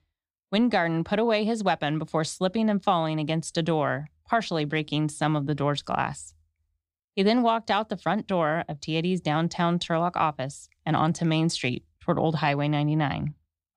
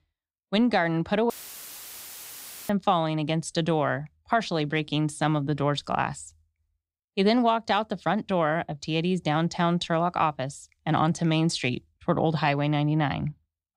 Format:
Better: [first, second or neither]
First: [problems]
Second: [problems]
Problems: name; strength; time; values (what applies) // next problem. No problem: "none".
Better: first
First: none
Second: audio cutting out; filled with static; at 1.5 s for 1.5 s